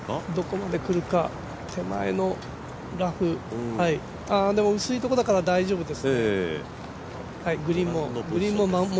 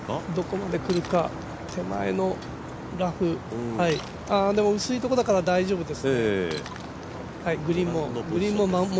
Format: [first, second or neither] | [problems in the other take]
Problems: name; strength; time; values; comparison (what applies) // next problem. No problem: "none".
first | background sound (Shatter + Bowed string instrument); 19 dB below the speech